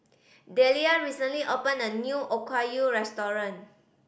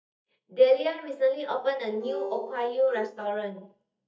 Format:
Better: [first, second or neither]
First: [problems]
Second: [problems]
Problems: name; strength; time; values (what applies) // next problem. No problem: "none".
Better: first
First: none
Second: noise reduction (neural mask model DeepFilterNet 3)